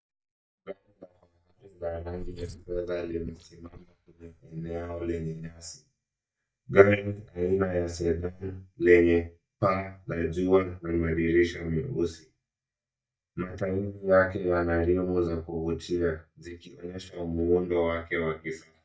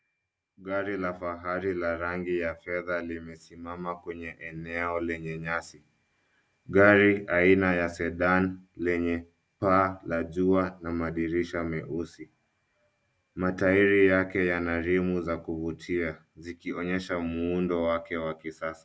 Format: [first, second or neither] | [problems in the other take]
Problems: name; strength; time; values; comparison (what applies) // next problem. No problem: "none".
second | noise reduction (neural mask model DeepFilterNet 3)